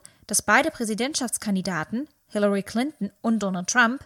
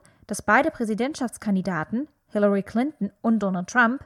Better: first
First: none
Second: muffled; slightly; fading above 2.5 kHz

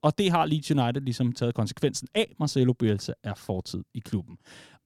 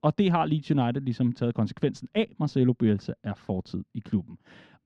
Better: first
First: none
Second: muffled; slightly; fading above 3 kHz

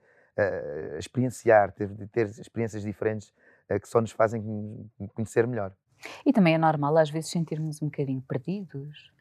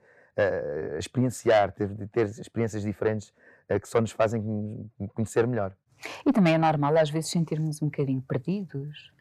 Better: first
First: none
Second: distortion; slight; 10 dB below the speech

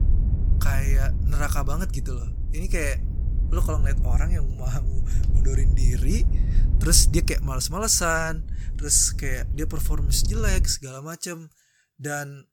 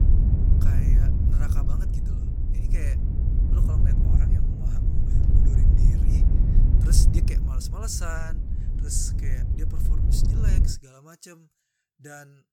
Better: first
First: wind noise on the microphone; occasional gusts; until 11 s; 15 dB below the speech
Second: wind noise on the microphone; heavy; until 11 s; 1 dB below the speech

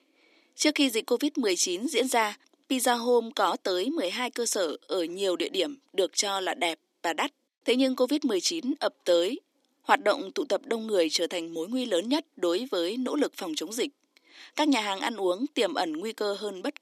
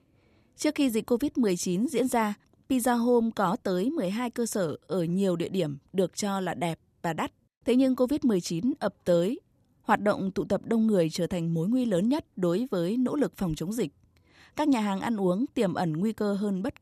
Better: second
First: thin; very slightly; fading below 300 Hz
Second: none

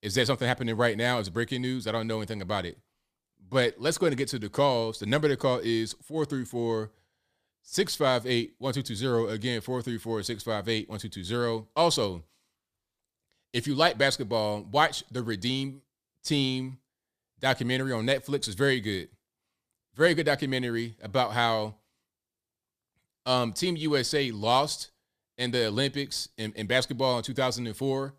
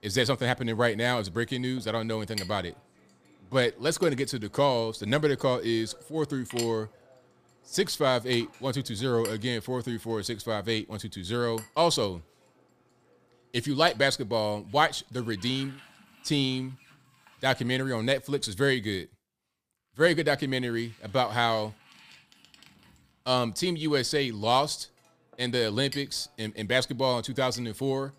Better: first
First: none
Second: household noises; noticeable; throughout; 20 dB below the speech

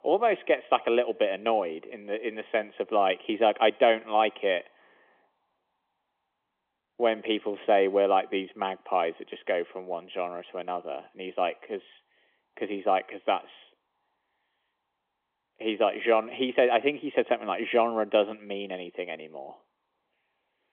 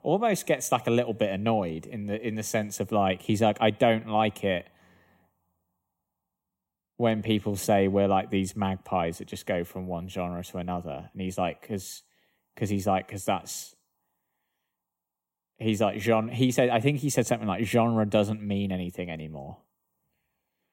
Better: second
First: phone-call audio; nothing above 3.5 kHz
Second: none

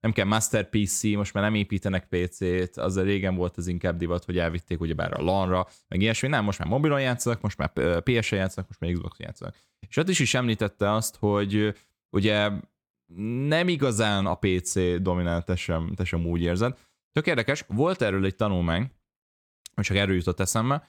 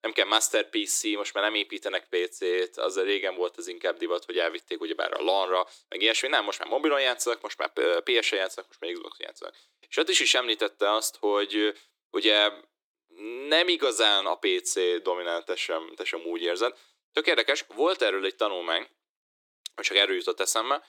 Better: first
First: none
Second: thin; very; fading below 300 Hz

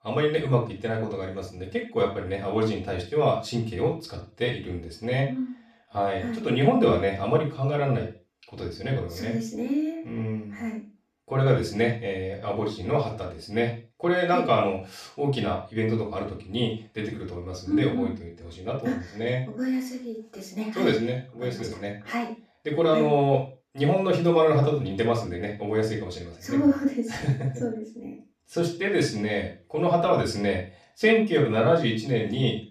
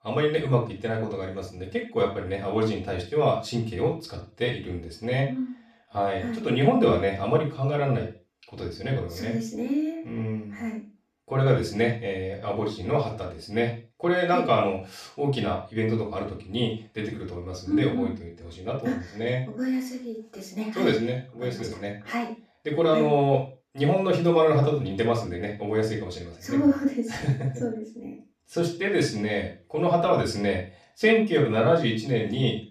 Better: neither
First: room echo; slight; dies away in 0.3 s // off-mic speech; far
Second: room echo; slight; dies away in 0.3 s // off-mic speech; far

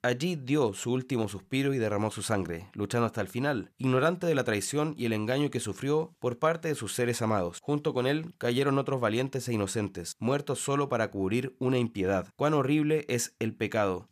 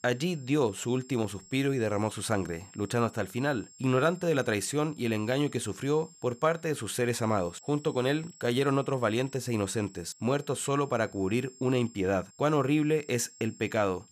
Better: first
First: none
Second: high-pitched whine; faint; throughout; 7.5 kHz, 25 dB below the speech

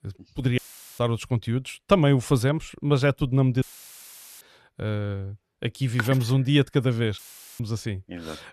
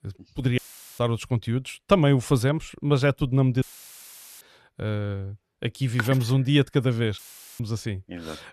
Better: neither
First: audio cutting out; filled with static; at 0.5 s, at 3.5 s for 1 s and at 7 s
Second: audio cutting out; filled with static; at 0.5 s, at 3.5 s for 1 s and at 7 s

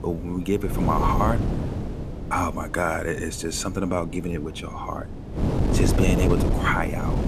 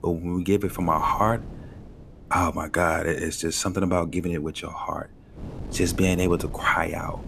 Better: second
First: wind noise on the microphone; heavy; 6 dB below the speech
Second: wind noise on the microphone; occasional gusts; 20 dB below the speech

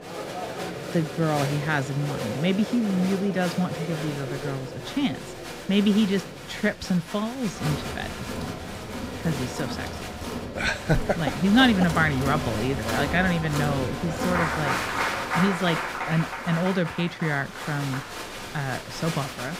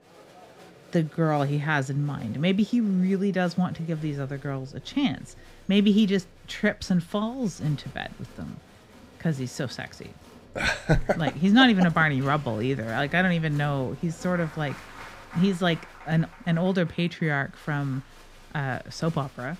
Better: second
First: crowd noise; loud; throughout; 5 dB below the speech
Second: crowd noise; faint; throughout; 20 dB below the speech

